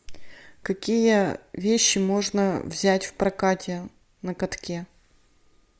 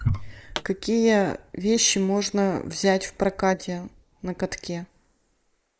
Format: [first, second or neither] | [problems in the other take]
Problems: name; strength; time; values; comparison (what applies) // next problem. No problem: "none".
first | noise reduction (neural mask model Resemble Enhance denoiser)